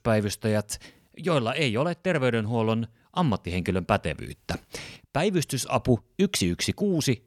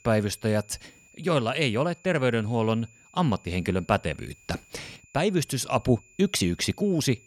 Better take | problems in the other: first | high-pitched whine; faint; throughout; 2.5 kHz, 30 dB below the speech

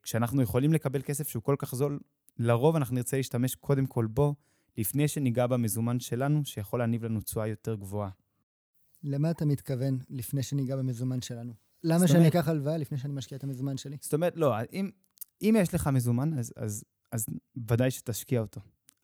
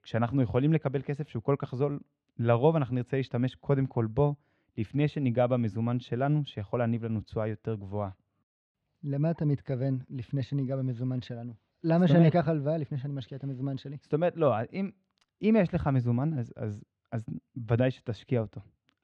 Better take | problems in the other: first | muffled; very; fading above 3.5 kHz

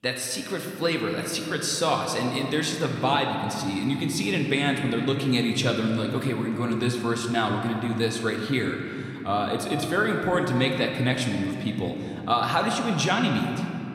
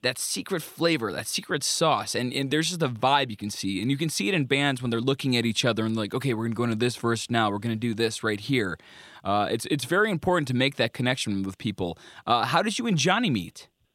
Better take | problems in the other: second | room echo; slight; dies away in 2.5 s

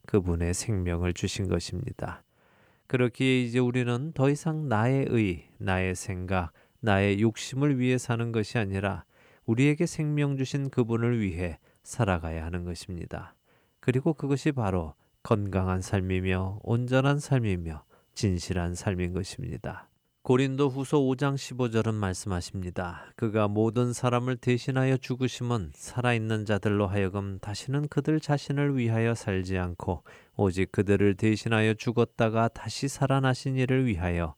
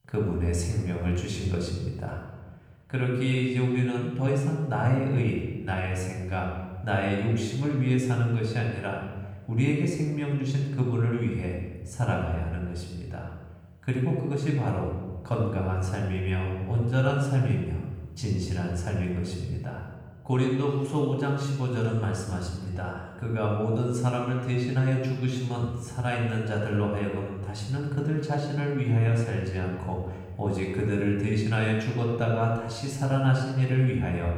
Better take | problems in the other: first | off-mic speech; somewhat distant // room echo; noticeable; dies away in 1.1 s

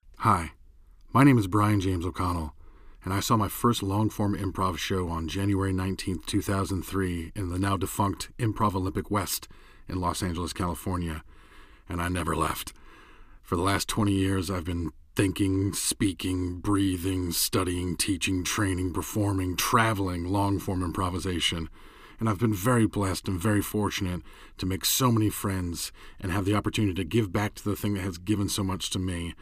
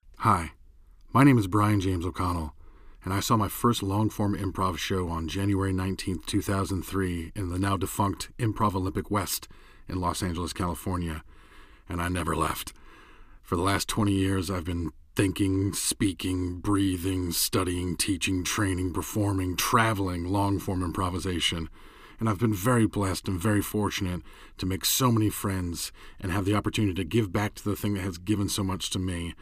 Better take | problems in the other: neither | none

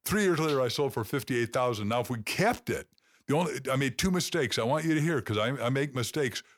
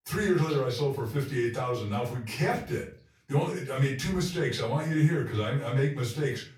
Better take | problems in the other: first | room echo; slight; dies away in 0.4 s // off-mic speech; far

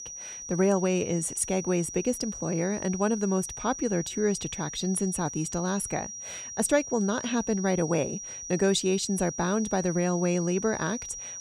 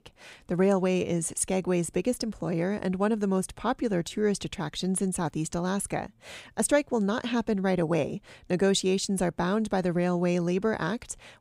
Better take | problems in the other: second | high-pitched whine; loud; throughout; 6 kHz, 9 dB below the speech

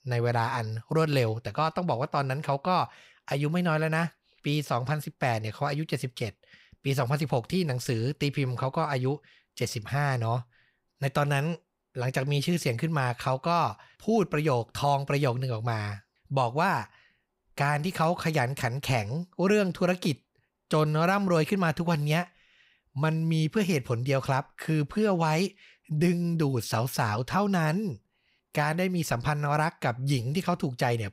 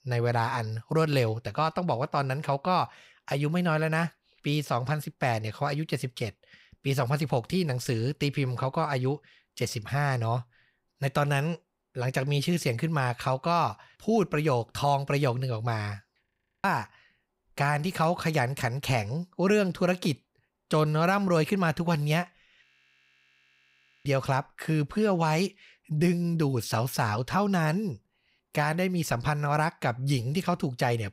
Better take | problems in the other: first | audio freezing; at 16 s and at 23 s for 1.5 s

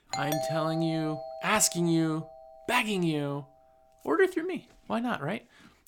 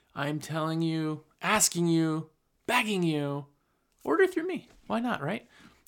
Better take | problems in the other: second | doorbell; noticeable; until 2 s; peak 3 dB below the speech

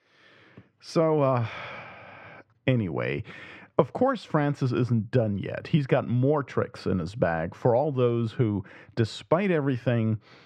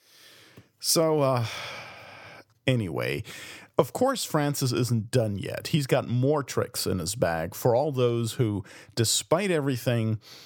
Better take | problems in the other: second | muffled; very; fading above 2 kHz

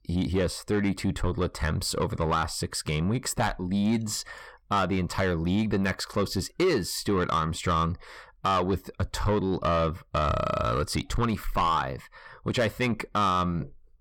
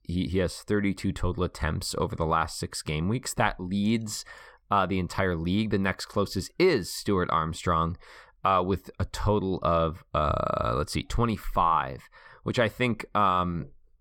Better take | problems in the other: second | distortion; slight; 10 dB below the speech

